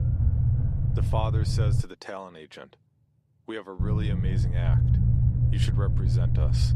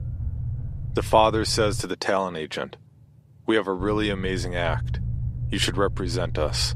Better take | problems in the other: second | low rumble; loud; until 2 s and from 4 s on; as loud as the speech; faint in the second

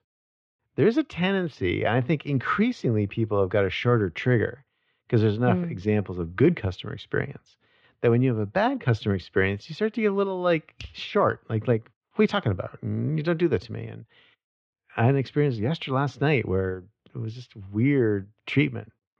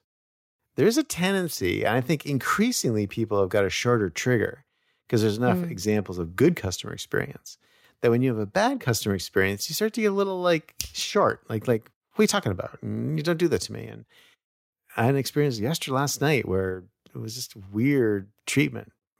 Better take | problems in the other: second | muffled; very; fading above 3 kHz

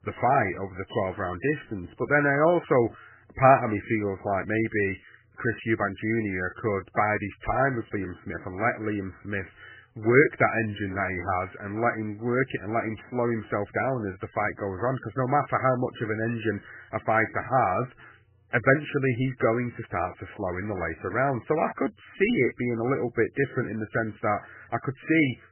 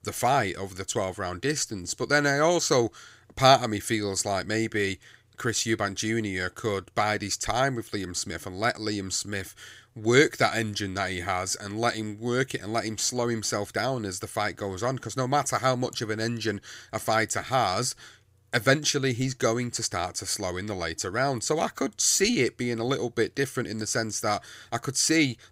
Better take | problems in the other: second | garbled, watery; badly; nothing above 3 kHz

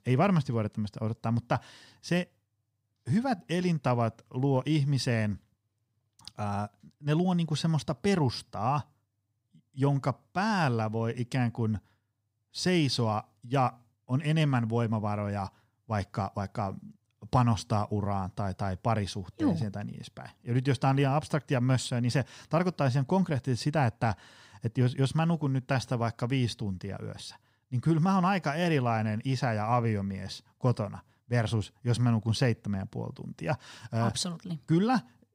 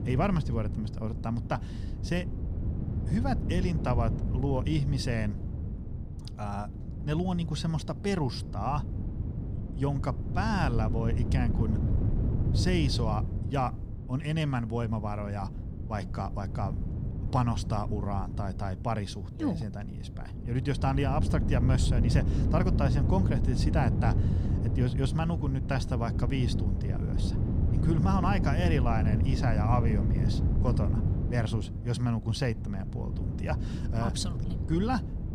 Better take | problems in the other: first | wind noise on the microphone; heavy; 8 dB below the speech

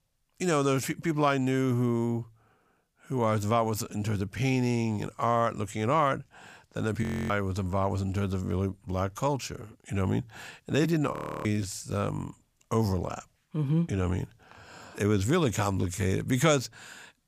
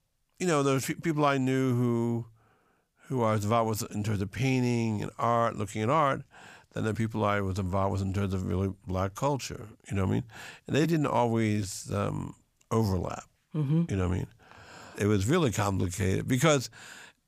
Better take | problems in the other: second | audio freezing; at 7 s and at 11 s

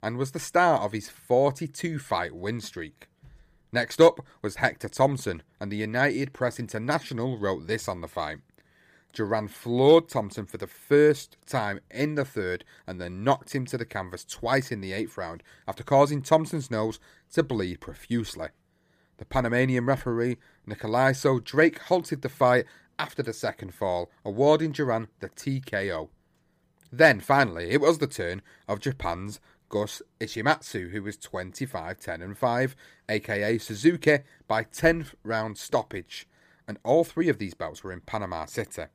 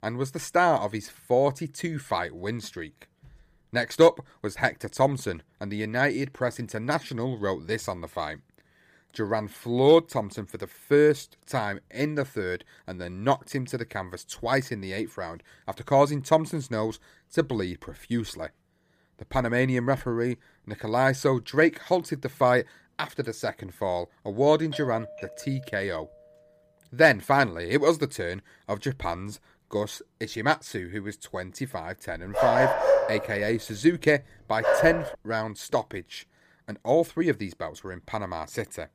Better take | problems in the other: first | doorbell; faint; from 25 to 26 s; peak 10 dB below the speech // dog barking; loud; from 32 to 35 s; peak 5 dB above the speech

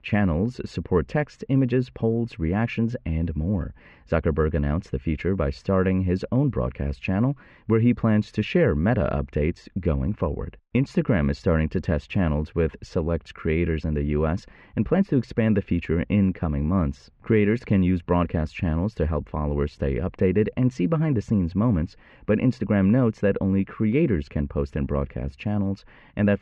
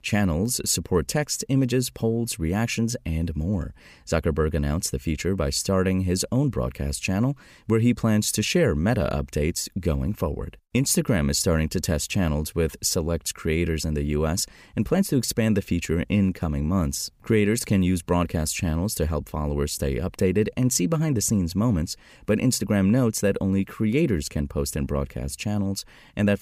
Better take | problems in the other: second | muffled; very; fading above 2.5 kHz

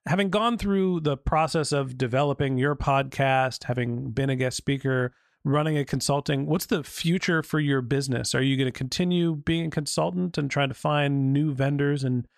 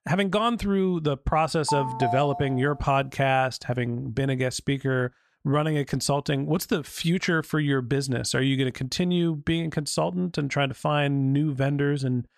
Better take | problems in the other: first | phone ringing; noticeable; at 1.5 s; peak 3 dB below the speech

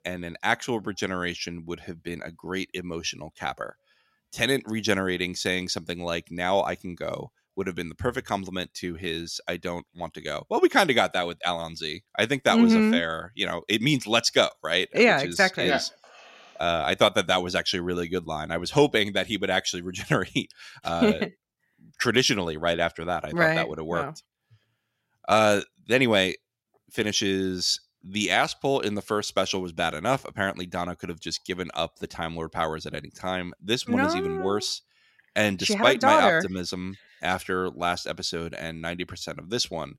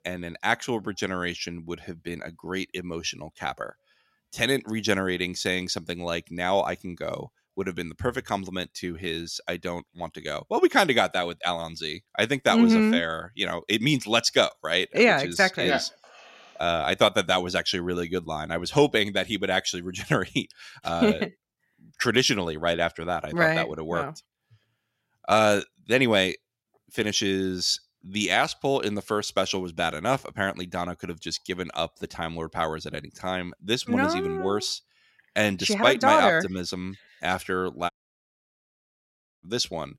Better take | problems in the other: first | audio cutting out; at 38 s for 1.5 s

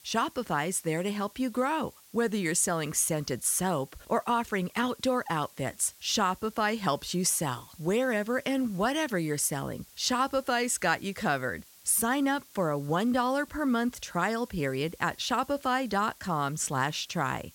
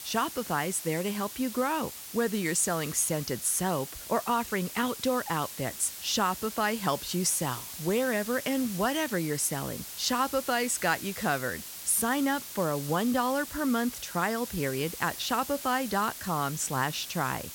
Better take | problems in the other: first | hiss; loud; throughout; 9 dB below the speech; faint in the first

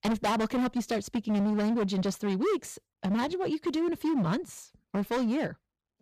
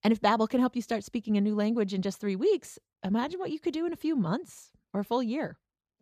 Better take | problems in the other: second | distortion; heavy; 21% of the sound clipped

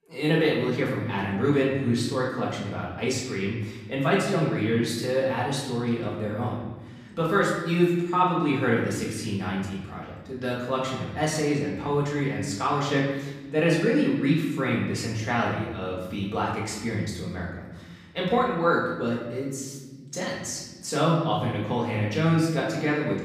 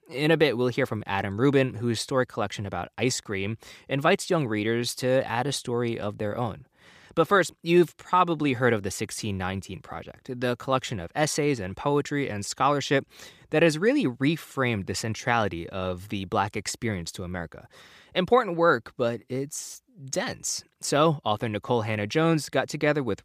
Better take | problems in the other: second | off-mic speech; far // room echo; noticeable; dies away in 1.3 s

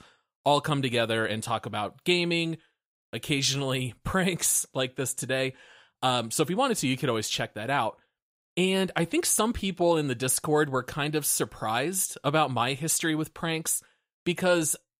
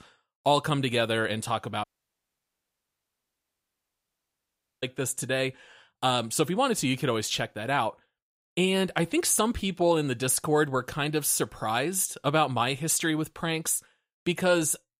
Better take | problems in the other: first | audio cutting out; at 2 s for 3 s

